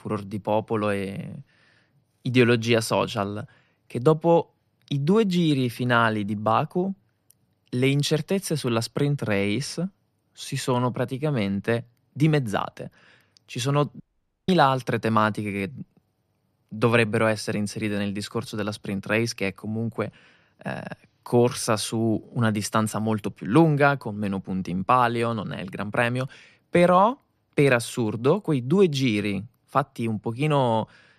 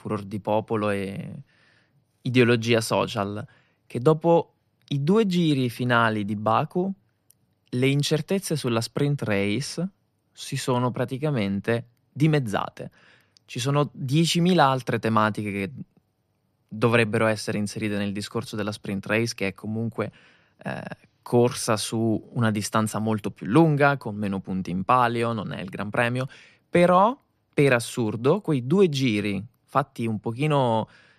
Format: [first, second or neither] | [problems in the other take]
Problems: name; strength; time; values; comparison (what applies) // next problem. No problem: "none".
second | audio cutting out; at 14 s